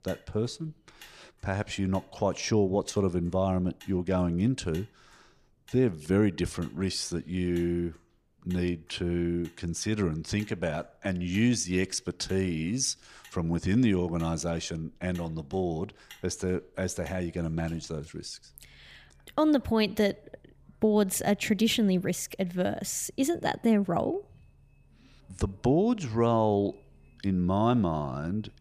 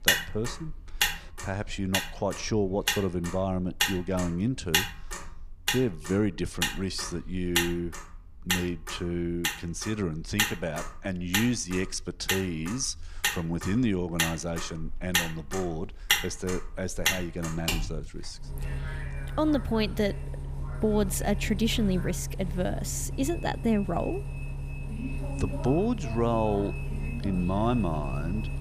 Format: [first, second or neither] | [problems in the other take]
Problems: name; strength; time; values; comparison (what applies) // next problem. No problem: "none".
first | traffic noise; loud; throughout; 2 dB below the speech; faint in the first